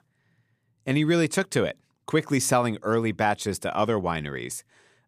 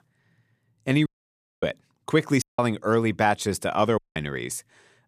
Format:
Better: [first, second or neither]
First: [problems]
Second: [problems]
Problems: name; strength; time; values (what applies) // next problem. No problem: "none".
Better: first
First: none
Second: audio cutting out; at 1 s for 0.5 s, at 2.5 s and at 4 s